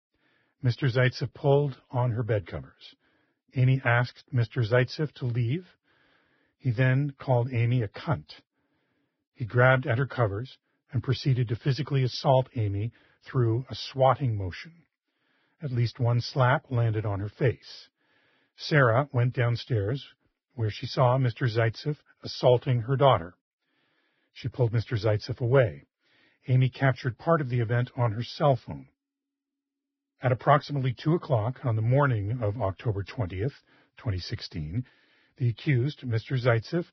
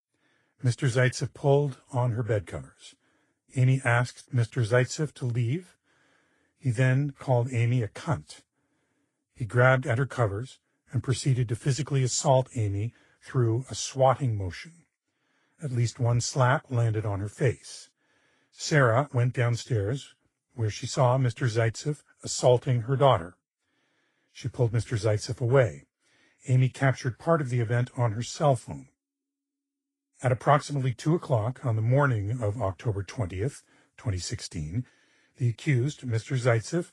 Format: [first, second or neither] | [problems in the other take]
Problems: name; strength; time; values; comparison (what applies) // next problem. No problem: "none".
second | garbled, watery; badly; nothing above 5.5 kHz; slightly in the second